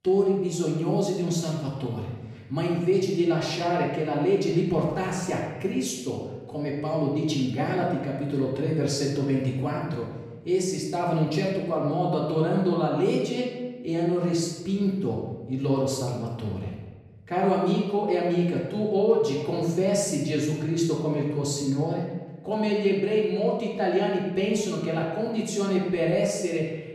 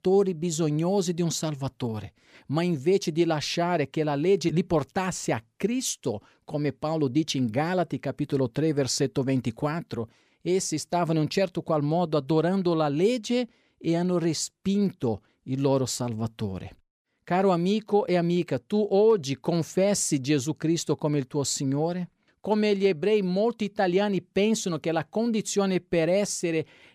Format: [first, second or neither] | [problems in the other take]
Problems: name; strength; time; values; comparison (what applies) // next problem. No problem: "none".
second | off-mic speech; far // room echo; noticeable; dies away in 1 s